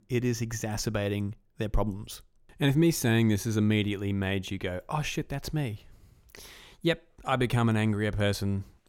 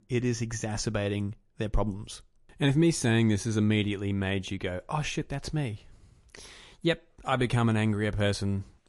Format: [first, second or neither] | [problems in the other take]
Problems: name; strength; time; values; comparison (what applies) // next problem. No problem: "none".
first | garbled, watery; slightly; nothing above 11 kHz